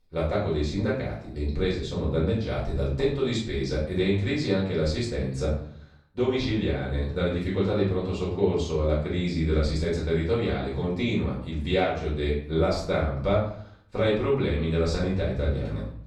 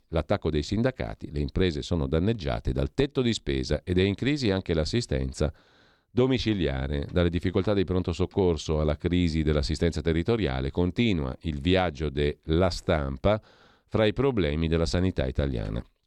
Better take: second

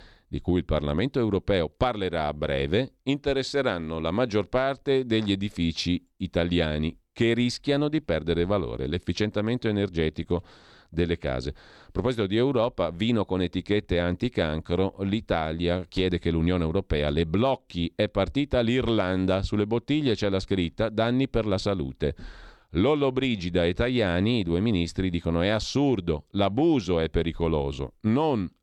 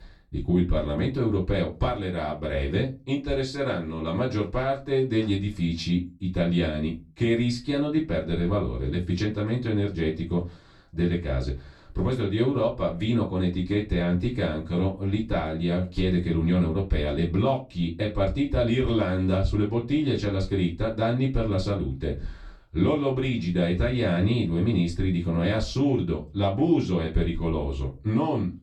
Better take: first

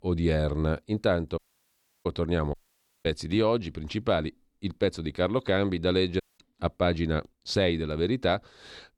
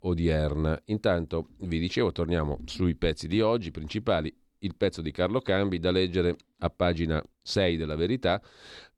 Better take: second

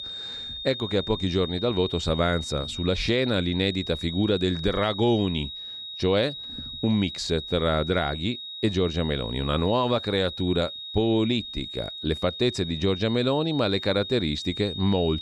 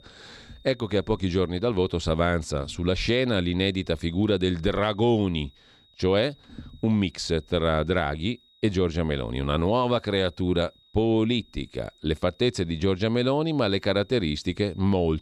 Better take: second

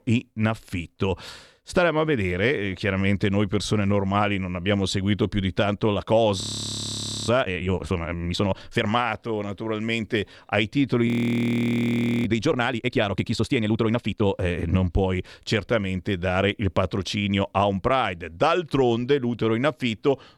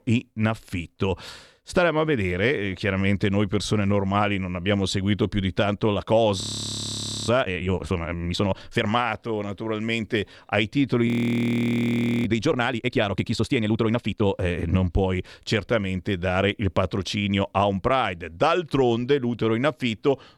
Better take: neither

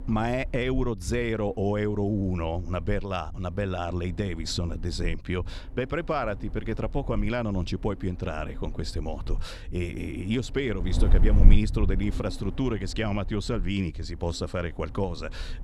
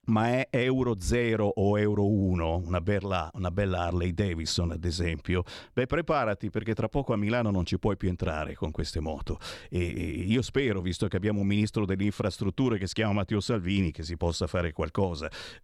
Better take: second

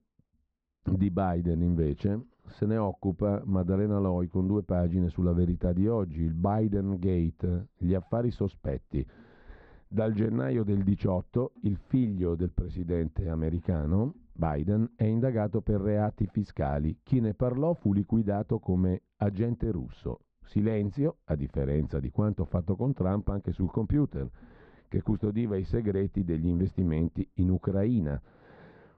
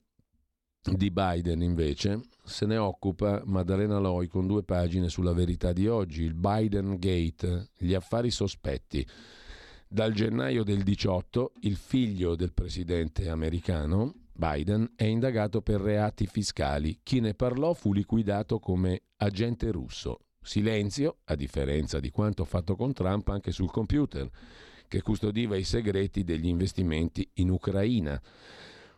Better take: second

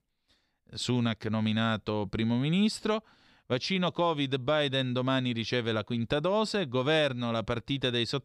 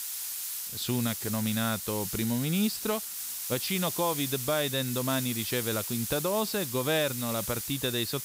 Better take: first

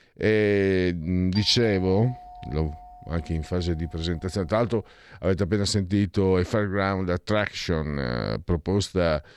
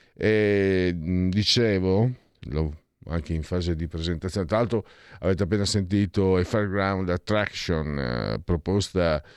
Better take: second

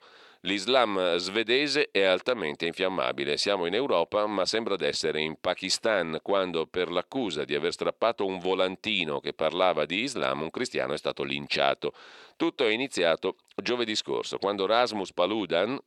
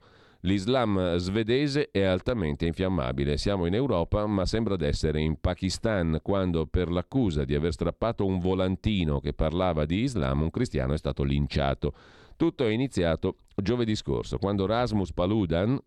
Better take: second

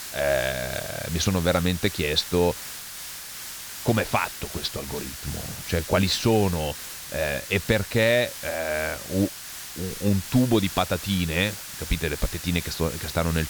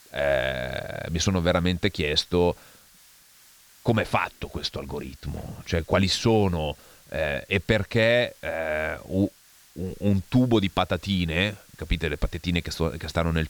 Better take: second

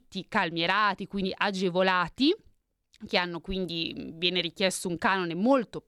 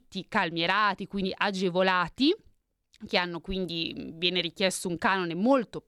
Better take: neither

